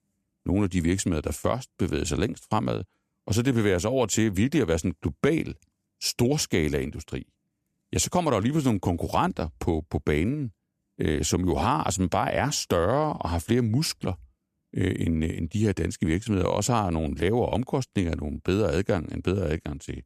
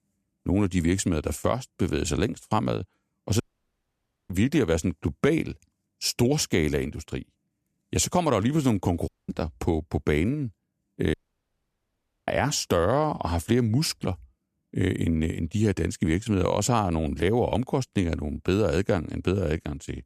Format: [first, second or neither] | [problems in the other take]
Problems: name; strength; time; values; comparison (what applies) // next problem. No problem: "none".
first | audio cutting out; at 3.5 s for 1 s, at 9 s and at 11 s for 1 s